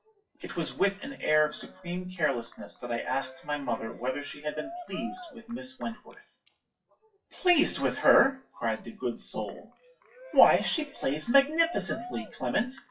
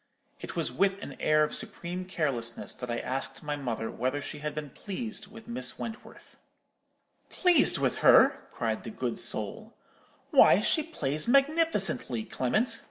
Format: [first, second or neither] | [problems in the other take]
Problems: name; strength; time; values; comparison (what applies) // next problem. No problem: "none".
second | noise reduction (classical method WPE with log-MMSE)